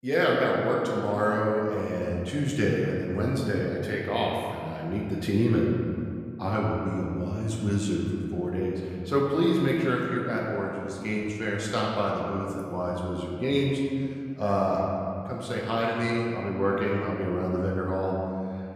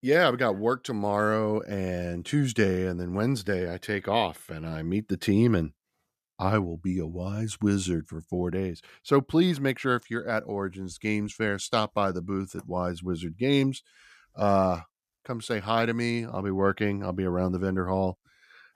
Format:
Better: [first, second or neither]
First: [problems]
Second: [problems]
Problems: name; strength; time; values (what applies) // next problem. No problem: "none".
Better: second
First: room echo; noticeable; dies away in 2.1 s // off-mic speech; somewhat distant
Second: none